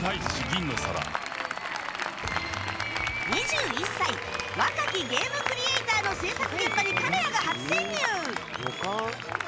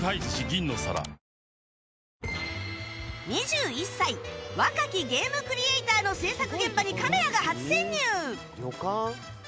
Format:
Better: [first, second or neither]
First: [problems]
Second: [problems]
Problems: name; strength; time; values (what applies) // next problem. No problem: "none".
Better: second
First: background sound (Applause); 1 dB below the speech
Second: none